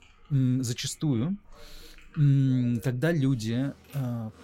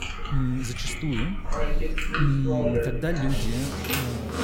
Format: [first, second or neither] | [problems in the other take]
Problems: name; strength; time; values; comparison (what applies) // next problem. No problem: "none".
first | household noises; loud; throughout; 1 dB below the speech; faint in the first